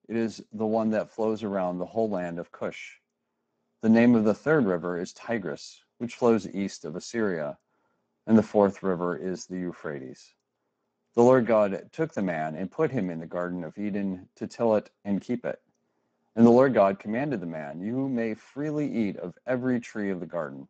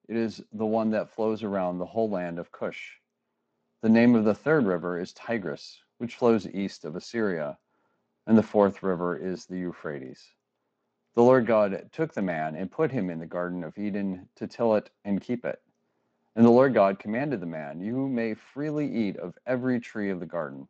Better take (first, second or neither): second